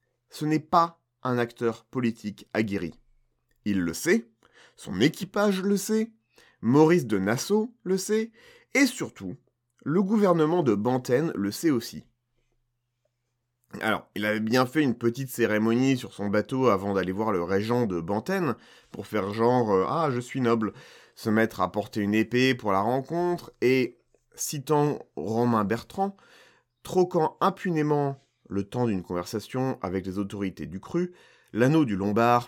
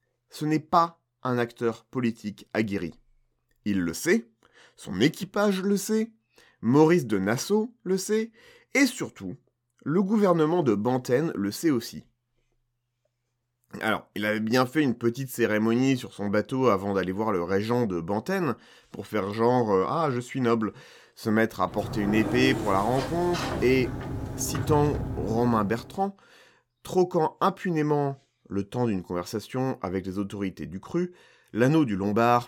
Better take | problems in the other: first | door banging; noticeable; from 22 to 26 s; peak 2 dB below the speech

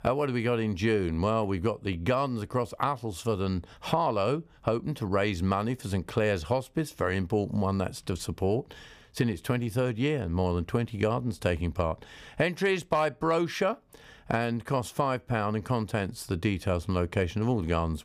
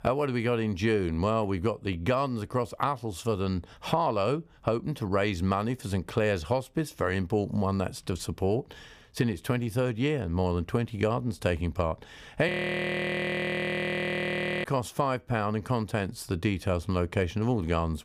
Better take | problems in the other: first | audio freezing; at 12 s for 2 s

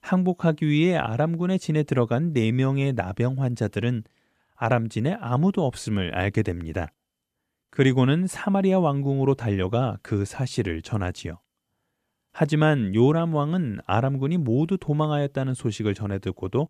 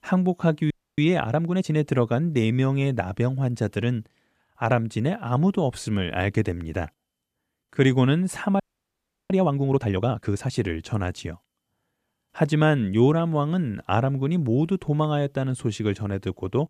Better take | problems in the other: first | audio freezing; at 0.5 s and at 8.5 s for 0.5 s

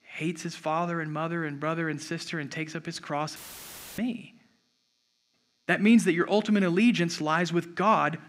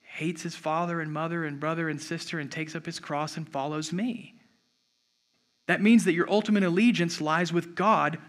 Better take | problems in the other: second | audio cutting out; filled with static; at 3.5 s for 0.5 s

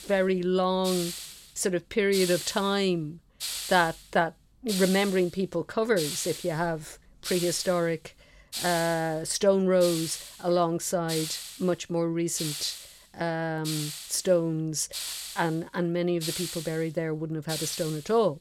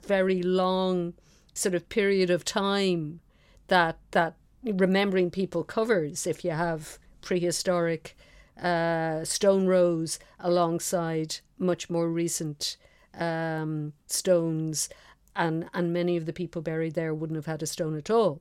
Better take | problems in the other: second | hiss; loud; throughout; 7 dB below the speech

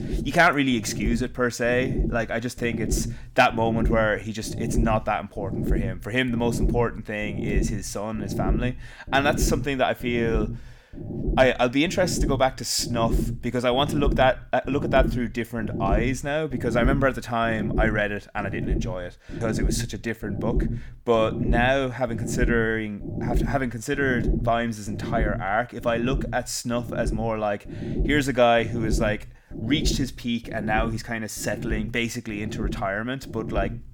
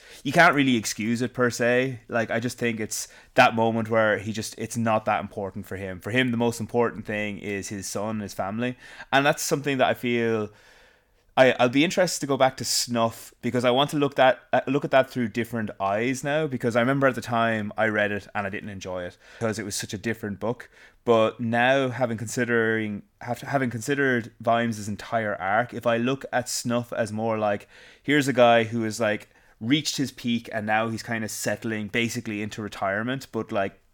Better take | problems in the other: second | low rumble; noticeable; throughout; 10 dB below the speech

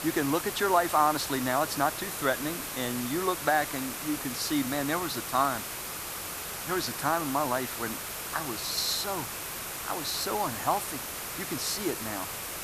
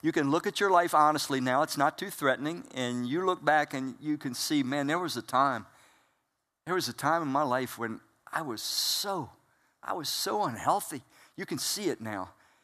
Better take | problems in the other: second | hiss; loud; throughout; 4 dB below the speech

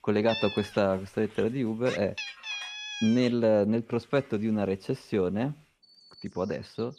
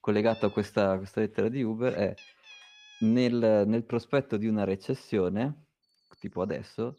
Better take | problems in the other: second | animal sounds; loud; throughout; 9 dB below the speech; faint in the second

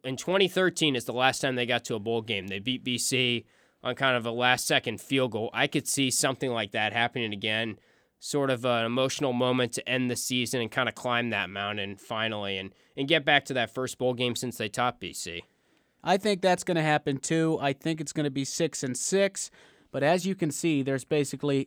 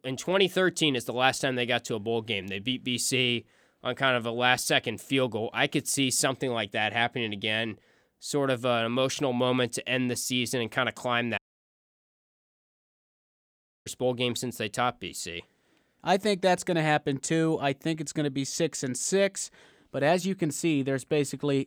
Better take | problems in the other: first | audio cutting out; at 11 s for 2.5 s

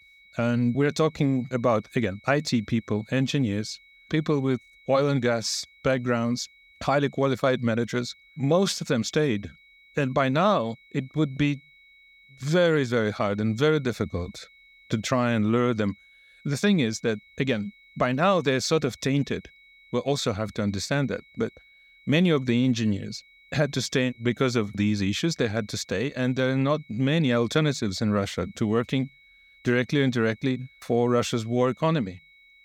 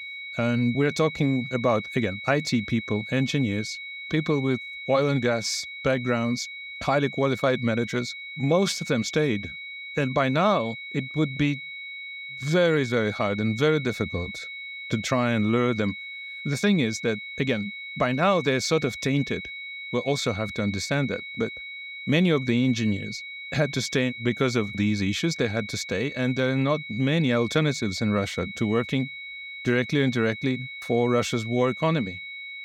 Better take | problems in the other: first | high-pitched whine; loud; throughout; 2 kHz, 10 dB below the speech; faint in the first

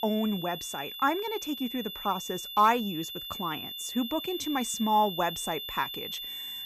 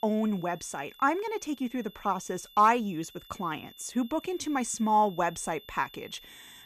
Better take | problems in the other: second | high-pitched whine; loud; throughout; 3.5 kHz, 7 dB below the speech; faint in the second

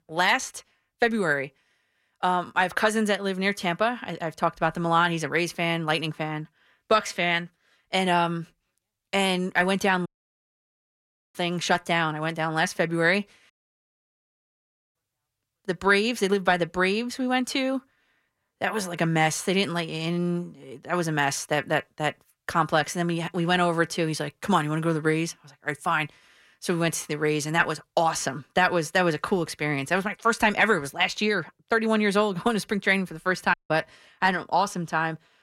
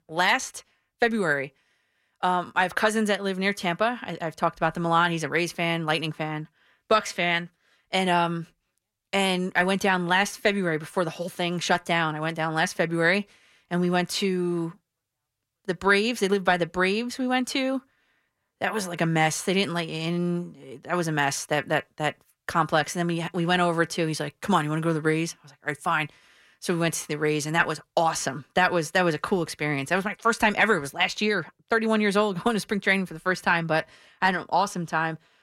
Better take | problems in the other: second | audio cutting out; at 10 s for 1.5 s, at 14 s for 1.5 s and at 34 s

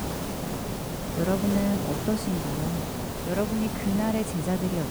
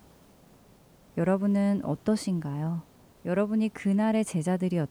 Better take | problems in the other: second | hiss; loud; throughout; 3 dB below the speech; faint in the second

